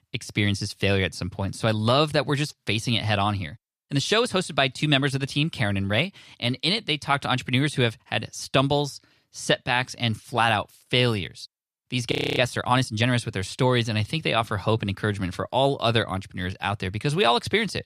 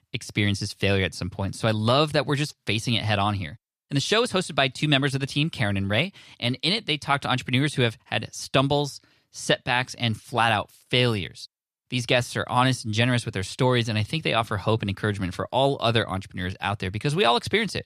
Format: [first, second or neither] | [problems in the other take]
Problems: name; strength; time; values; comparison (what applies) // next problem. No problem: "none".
second | audio freezing; at 12 s